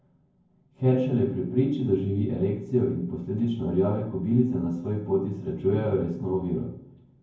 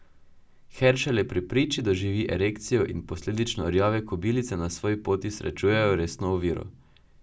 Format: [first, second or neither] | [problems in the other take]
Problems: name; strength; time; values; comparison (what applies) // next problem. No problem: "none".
second | room echo; dies away in 0.9 s